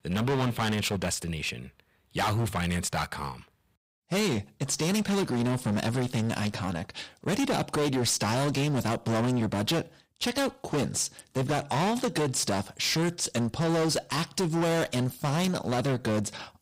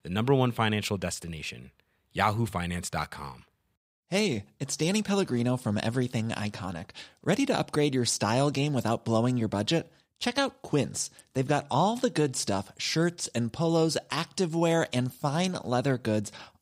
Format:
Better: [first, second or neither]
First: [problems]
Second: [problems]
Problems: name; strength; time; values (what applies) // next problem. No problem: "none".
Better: second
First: distortion; heavy; 20% of the sound clipped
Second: none